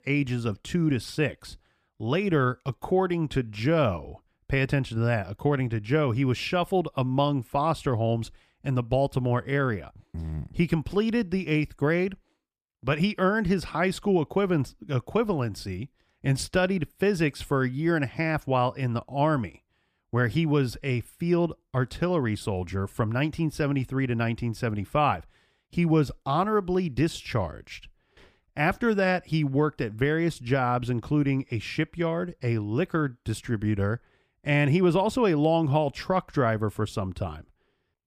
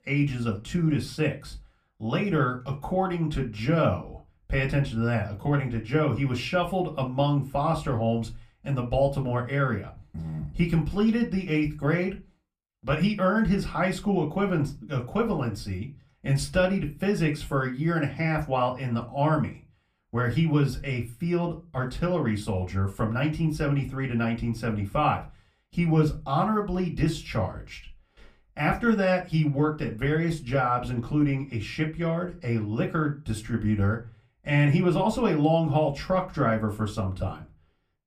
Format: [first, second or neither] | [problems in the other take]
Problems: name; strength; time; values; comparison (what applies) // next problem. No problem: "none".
first | off-mic speech; far // room echo; very slight; dies away in 0.2 s